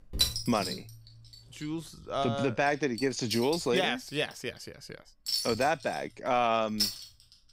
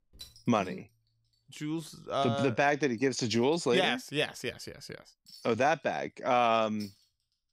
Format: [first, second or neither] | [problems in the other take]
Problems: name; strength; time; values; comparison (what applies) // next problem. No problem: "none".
second | household noises; loud; throughout; 3 dB below the speech; faint in the second